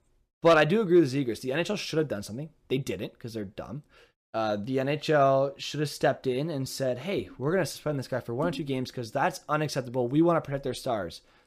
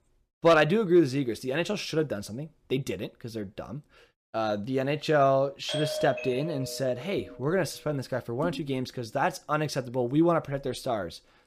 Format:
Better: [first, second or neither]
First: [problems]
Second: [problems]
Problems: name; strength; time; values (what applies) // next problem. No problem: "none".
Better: first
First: none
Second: doorbell; noticeable; from 5.5 to 7.5 s; peak 3 dB below the speech